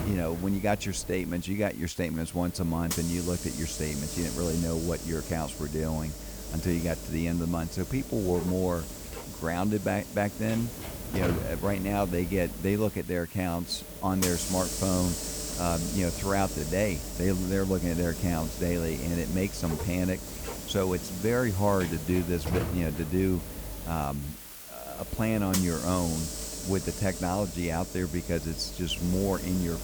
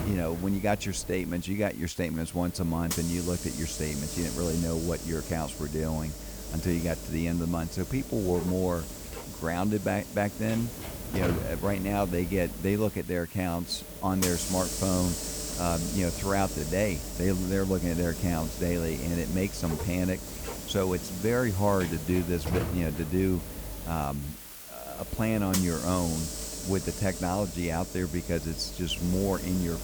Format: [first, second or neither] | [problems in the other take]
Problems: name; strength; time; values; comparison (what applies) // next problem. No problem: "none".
neither | hiss; loud; throughout; 6 dB below the speech; the same in both